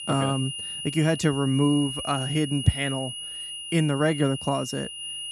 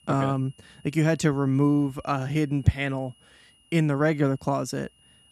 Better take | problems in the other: second | high-pitched whine; loud; throughout; 3 kHz, 7 dB below the speech; faint in the second

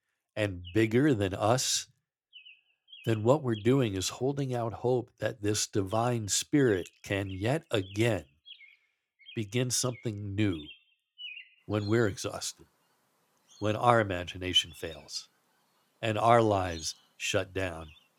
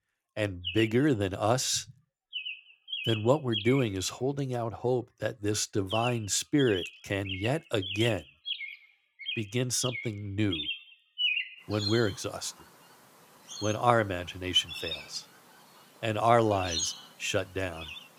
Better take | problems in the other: first | animal sounds; loud; throughout; 6 dB below the speech; faint in the first

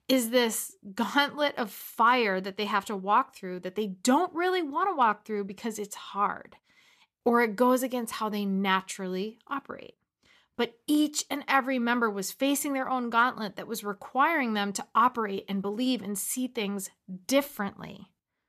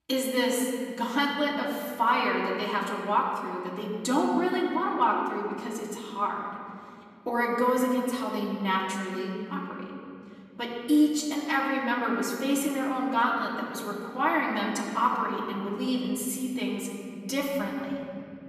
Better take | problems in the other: first | off-mic speech; far // room echo; noticeable; dies away in 2.7 s

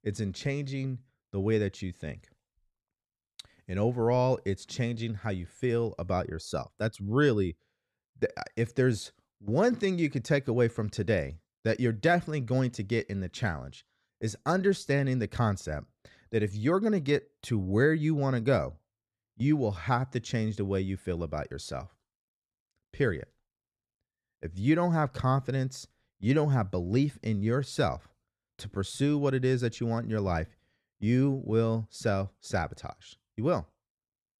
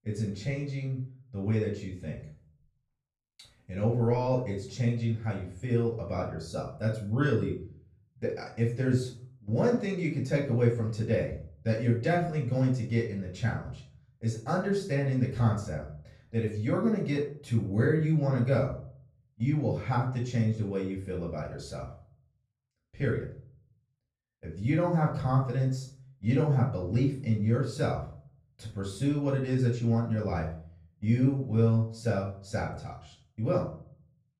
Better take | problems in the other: first | off-mic speech; far // room echo; slight; dies away in 0.5 s

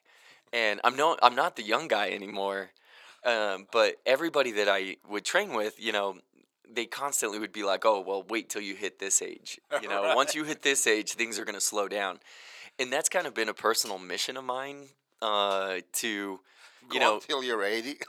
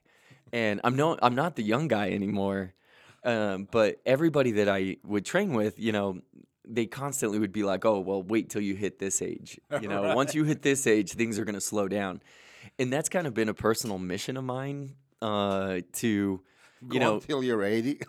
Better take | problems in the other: second | thin; very; fading below 600 Hz

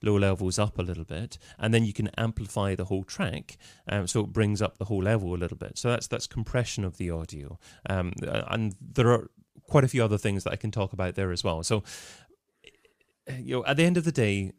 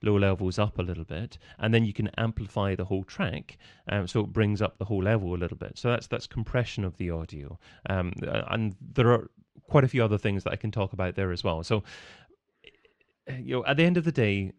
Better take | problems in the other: first | muffled; slightly; fading above 3 kHz

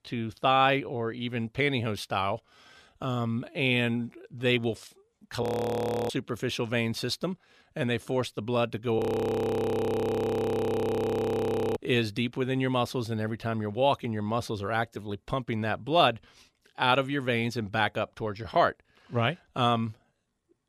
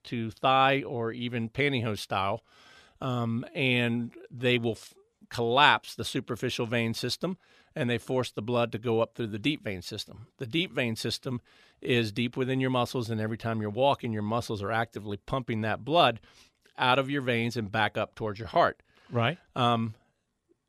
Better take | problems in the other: second | audio freezing; at 5.5 s for 0.5 s and at 9 s for 3 s

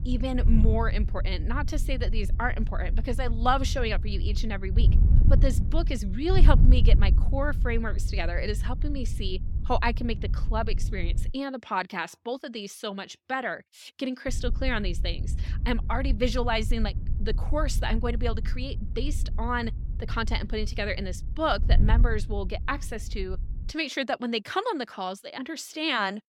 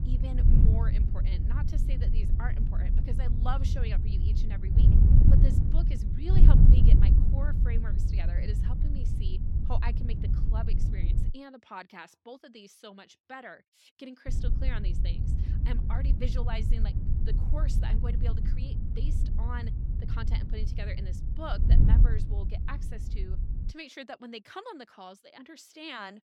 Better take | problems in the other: first | wind noise on the microphone; heavy; until 11 s and from 14 to 24 s; as loud as the speech; occasional gusts in the first

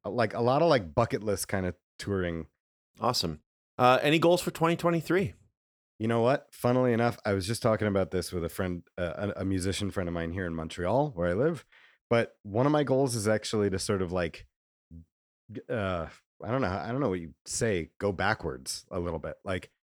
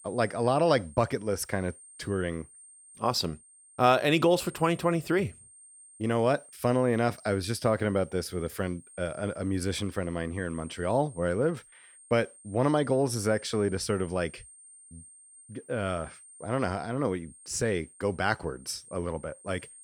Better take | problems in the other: first | high-pitched whine; faint; throughout; 8.5 kHz, 20 dB below the speech

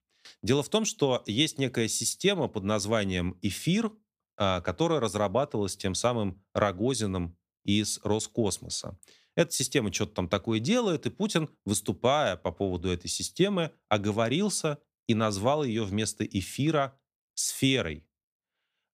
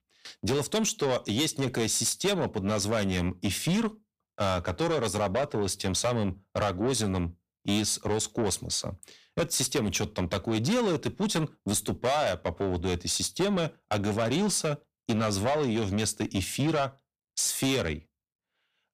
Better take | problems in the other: first | distortion; heavy; 7 dB below the speech

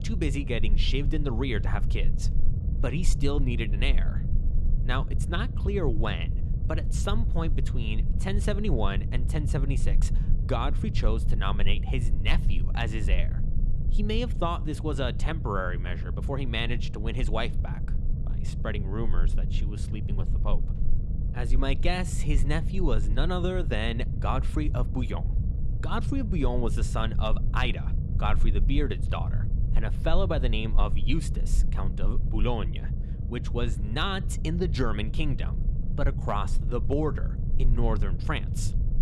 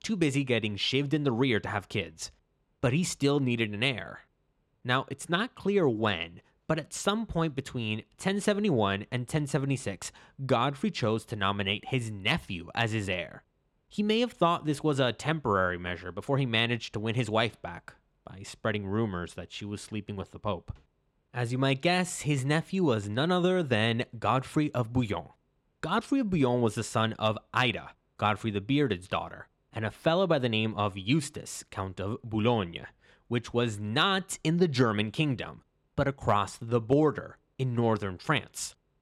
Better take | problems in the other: second | low rumble; noticeable; throughout; 10 dB below the speech

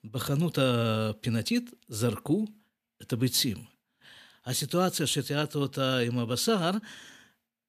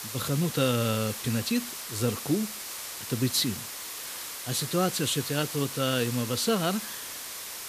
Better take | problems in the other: first | hiss; loud; throughout; 7 dB below the speech

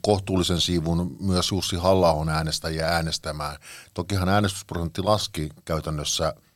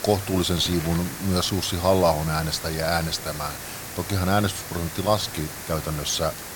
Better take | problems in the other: first | hiss; loud; throughout; 9 dB below the speech

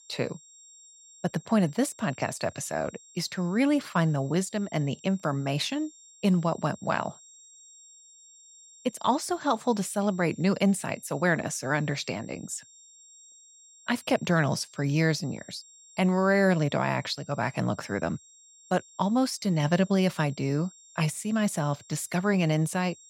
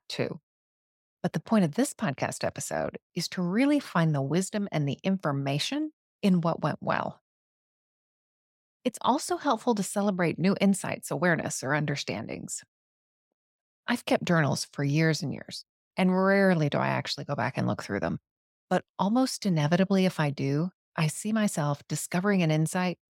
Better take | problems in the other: second | high-pitched whine; faint; throughout; 7.5 kHz, 25 dB below the speech

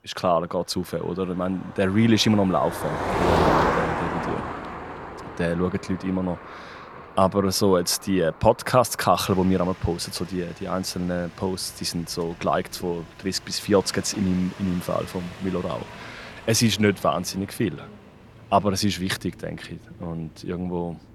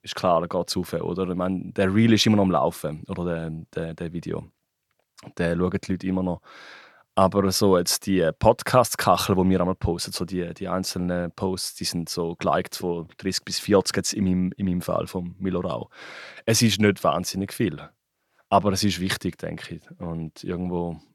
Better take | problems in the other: second | traffic noise; loud; throughout; 5 dB below the speech

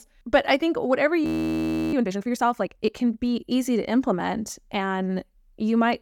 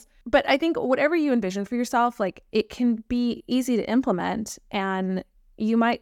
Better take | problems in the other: second | audio freezing; at 1.5 s for 0.5 s

